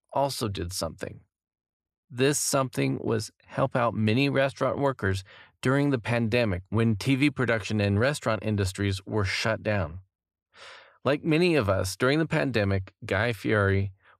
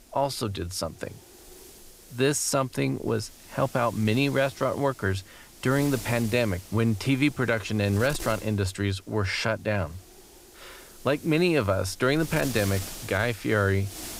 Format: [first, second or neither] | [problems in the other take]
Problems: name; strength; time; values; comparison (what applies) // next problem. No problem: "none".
first | wind noise on the microphone; occasional gusts; 15 dB below the speech